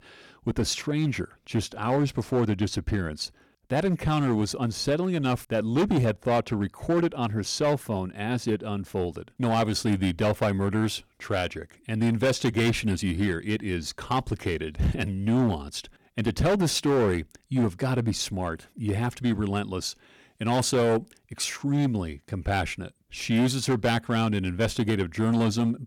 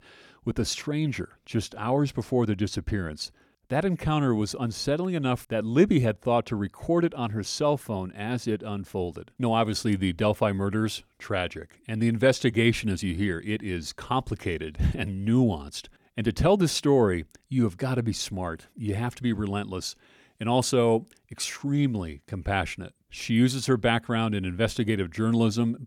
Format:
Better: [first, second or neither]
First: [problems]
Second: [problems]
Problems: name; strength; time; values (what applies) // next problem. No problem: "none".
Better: second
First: distortion; slight; 8% of the sound clipped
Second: none